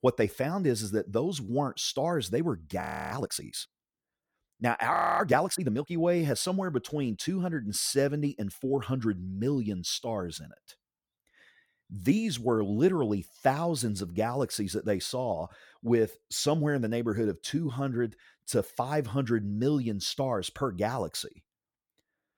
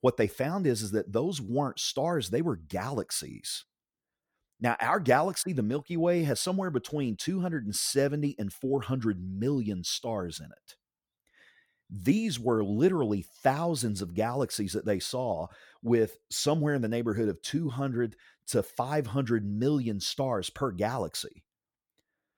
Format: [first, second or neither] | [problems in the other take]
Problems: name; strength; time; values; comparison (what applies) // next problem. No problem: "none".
second | audio freezing; at 3 s and at 5 s